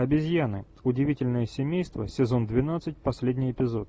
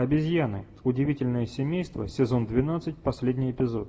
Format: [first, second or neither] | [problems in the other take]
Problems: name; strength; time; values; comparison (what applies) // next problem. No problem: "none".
first | room echo; dies away in 1.2 s